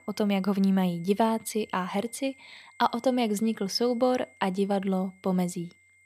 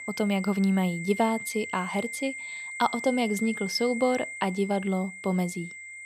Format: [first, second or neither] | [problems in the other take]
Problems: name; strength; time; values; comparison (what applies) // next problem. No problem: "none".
first | high-pitched whine; loud; throughout; 2 kHz, 8 dB below the speech; faint in the first